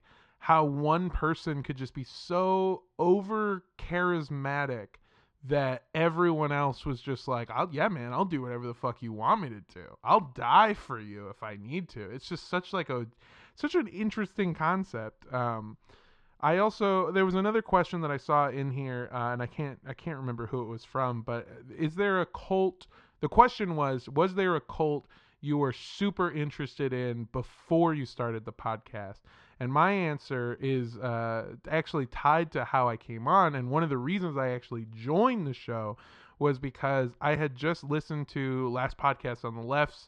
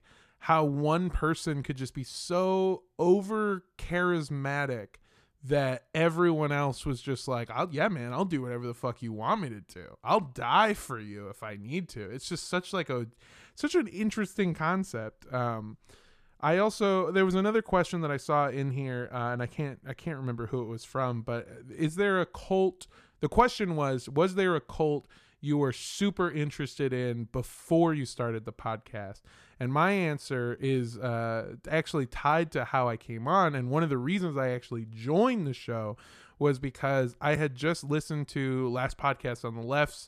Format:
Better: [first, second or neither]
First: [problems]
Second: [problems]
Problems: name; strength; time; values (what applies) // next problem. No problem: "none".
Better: second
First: muffled; very slightly; fading above 4.5 kHz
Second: none